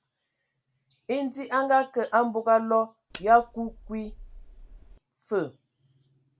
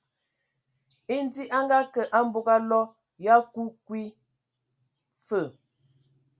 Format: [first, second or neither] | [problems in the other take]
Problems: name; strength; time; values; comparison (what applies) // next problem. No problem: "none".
second | background sound (Cutlery, silverware); 18 dB below the speech